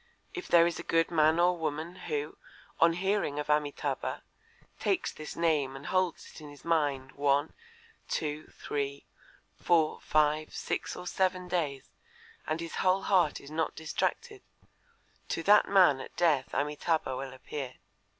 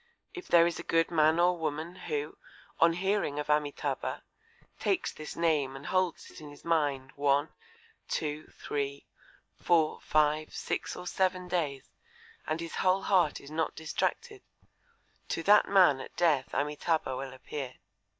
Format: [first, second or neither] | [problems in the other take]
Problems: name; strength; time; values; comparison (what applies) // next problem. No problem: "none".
first | noise reduction (neural mask model DeepFilterNet 3)